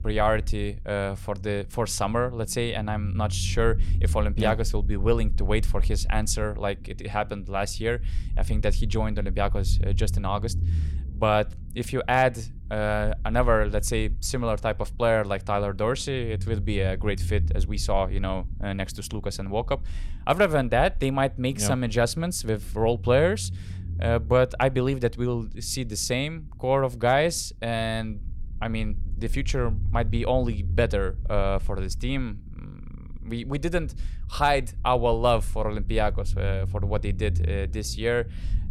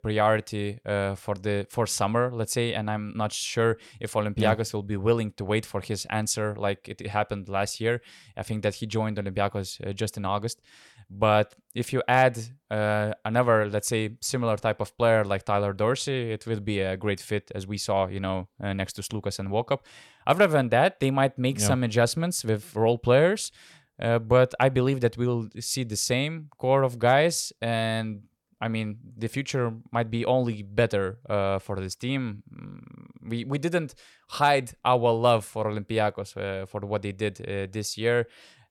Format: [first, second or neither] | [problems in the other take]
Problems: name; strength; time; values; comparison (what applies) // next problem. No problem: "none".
second | low rumble; faint; throughout; 25 dB below the speech